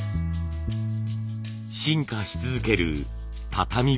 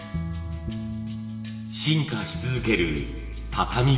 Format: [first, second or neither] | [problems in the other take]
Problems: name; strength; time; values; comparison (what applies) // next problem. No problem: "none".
first | room echo; dies away in 1.7 s